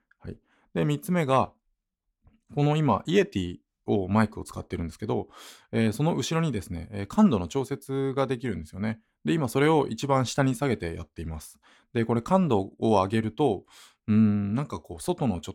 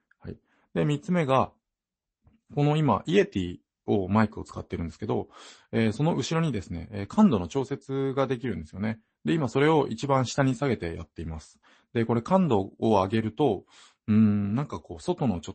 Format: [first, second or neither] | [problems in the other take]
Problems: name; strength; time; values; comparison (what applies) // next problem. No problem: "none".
first | garbled, watery; slightly; nothing above 8 kHz